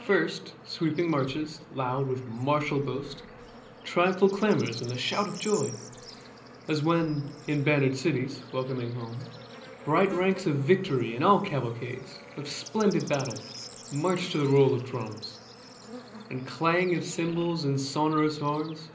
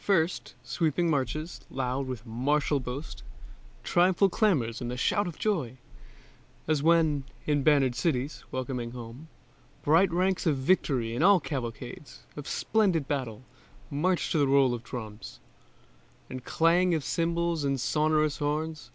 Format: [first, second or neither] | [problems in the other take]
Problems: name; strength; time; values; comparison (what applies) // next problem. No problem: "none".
second | background sound (Bird / Insect); 18 dB below the speech // room echo; dies away in 0.5 s